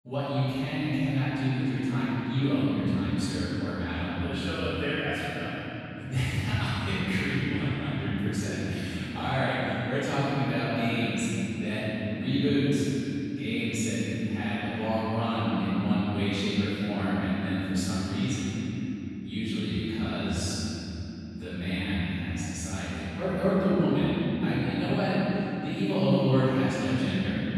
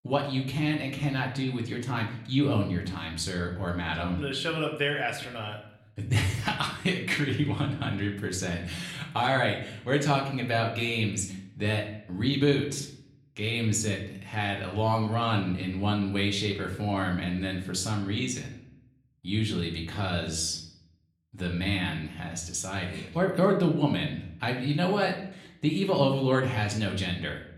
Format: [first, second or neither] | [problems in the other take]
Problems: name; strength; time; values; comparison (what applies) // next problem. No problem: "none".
second | room echo; strong; dies away in 3 s; slight in the second // off-mic speech; far; somewhat distant in the second